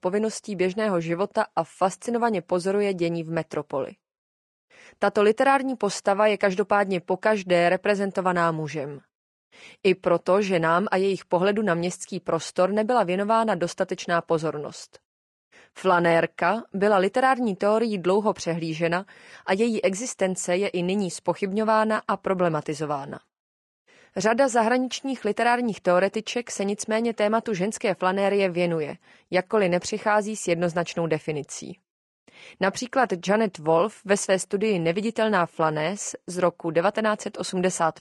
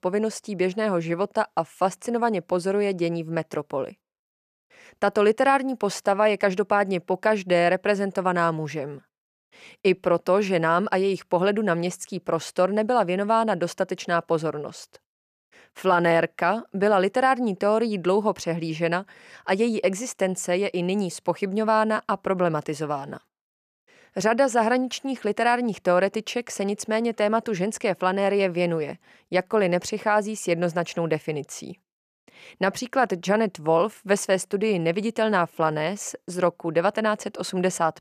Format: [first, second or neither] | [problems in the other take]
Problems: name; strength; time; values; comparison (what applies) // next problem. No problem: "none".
second | garbled, watery; slightly